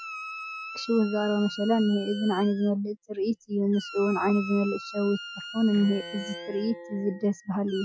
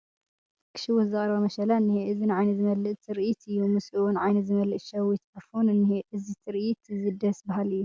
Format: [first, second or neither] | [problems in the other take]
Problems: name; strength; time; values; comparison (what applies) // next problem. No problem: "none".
second | noise reduction (classical method Wiener filter)